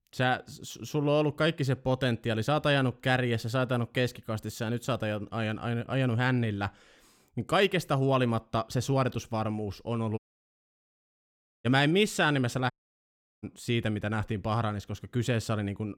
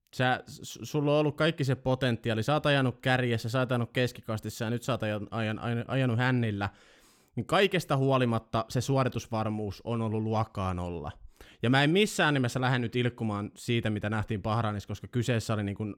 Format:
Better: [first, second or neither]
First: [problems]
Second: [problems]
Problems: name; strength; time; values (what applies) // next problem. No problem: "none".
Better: second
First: audio cutting out; at 10 s for 1.5 s and at 13 s for 0.5 s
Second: none